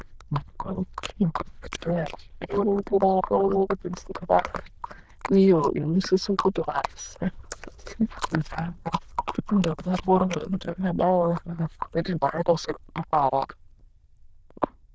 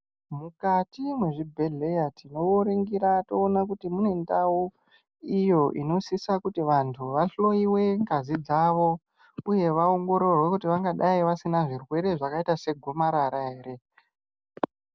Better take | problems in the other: second | noise reduction (neural diffusion model UNIVERSE++)

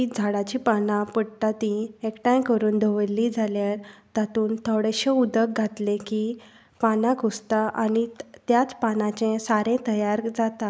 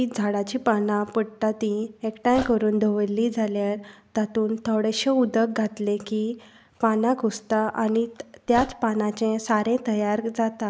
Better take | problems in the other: first | background sound (Dog); 15 dB below the speech

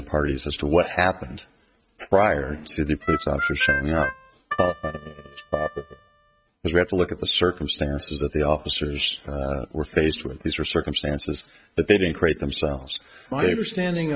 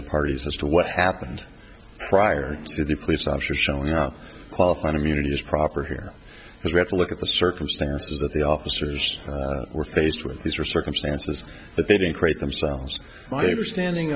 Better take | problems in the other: second | noise reduction (neural mask model RNNoise)

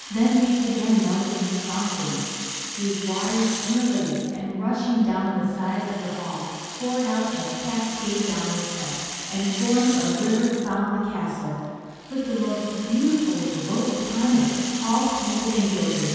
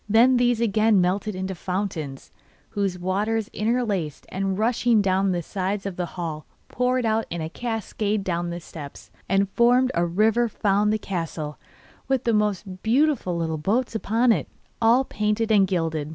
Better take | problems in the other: second | background sound (Rattle (instrument)); 10 dB below the speech // room echo; dies away in 2.1 s

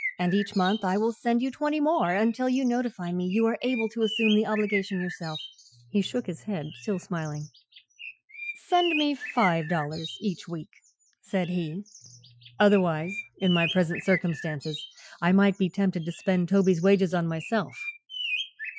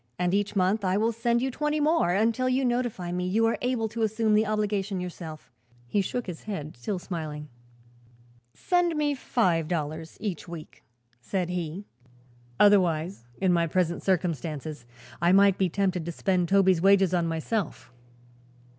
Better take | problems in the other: second | noise reduction (classical method Wiener filter)

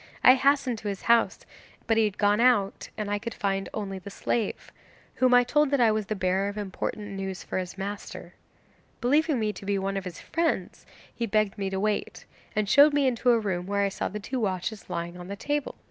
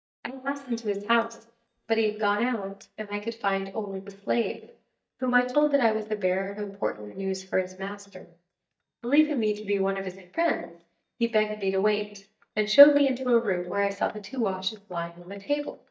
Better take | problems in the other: first | noise reduction (neural mask model DeepFilterNet 3)

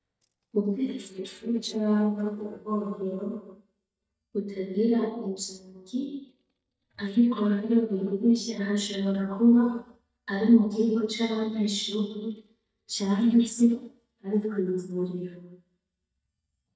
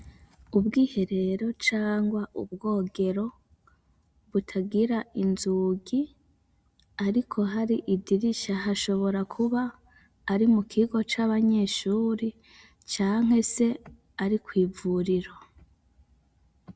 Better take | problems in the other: second | noise reduction (neural mask model DeepFilterNet 3)

